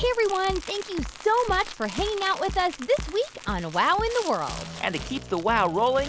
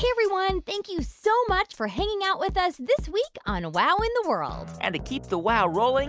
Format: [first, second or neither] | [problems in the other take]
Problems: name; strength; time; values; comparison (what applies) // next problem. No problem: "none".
second | background sound (Crumpling, crinkling); 16 dB below the speech